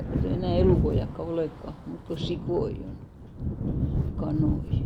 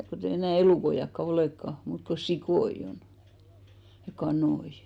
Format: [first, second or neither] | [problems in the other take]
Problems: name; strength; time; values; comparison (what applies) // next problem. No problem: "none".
second | background sound (Thunder / Wind); 3 dB above the speech